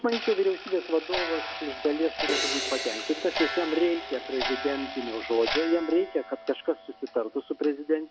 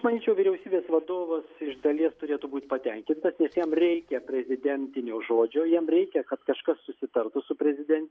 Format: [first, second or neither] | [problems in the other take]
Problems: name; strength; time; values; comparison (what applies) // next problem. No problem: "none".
second | background sound (Crash cymbal + Clock); 6 dB below the speech